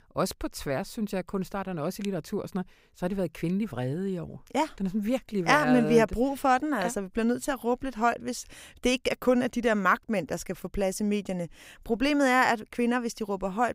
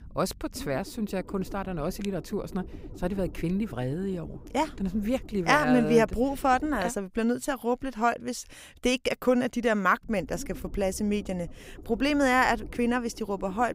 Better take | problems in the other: first | low rumble; faint; until 7 s and from 10 s on; 20 dB below the speech

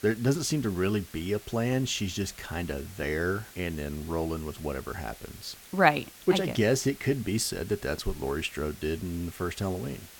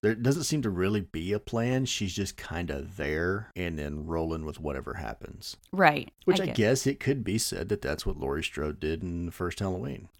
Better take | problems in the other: second | hiss; noticeable; throughout; 20 dB below the speech

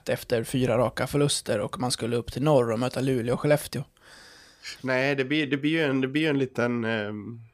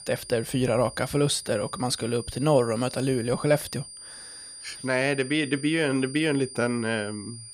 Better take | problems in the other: first | high-pitched whine; noticeable; throughout; 9 kHz, 15 dB below the speech

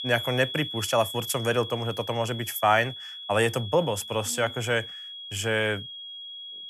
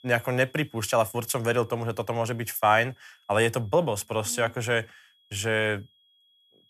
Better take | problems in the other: second | high-pitched whine; loud; throughout; 3.5 kHz, 9 dB below the speech; faint in the second

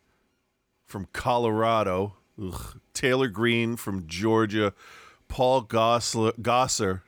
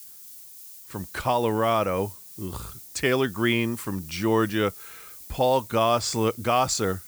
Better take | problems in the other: first | hiss; noticeable; throughout; 15 dB below the speech

